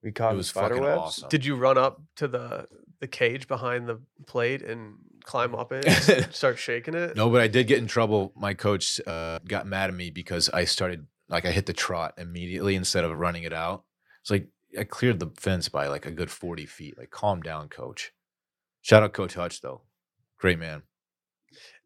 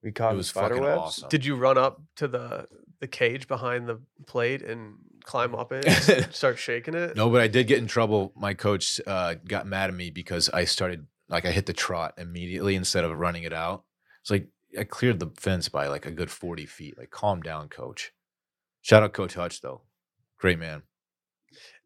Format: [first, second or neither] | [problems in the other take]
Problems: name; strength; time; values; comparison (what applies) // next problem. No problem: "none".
second | audio freezing; at 9 s